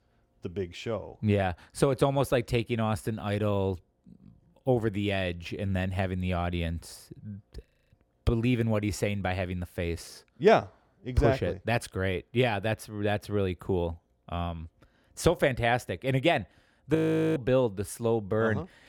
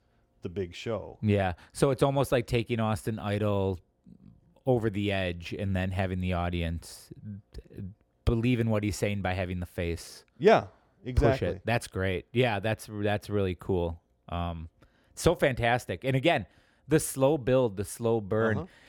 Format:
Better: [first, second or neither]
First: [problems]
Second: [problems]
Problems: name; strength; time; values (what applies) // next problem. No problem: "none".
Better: second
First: audio freezing; at 7.5 s and at 17 s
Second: none